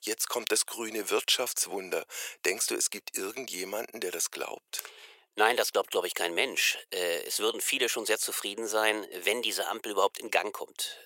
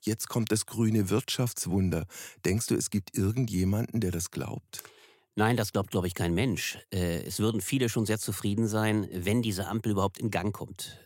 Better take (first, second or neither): second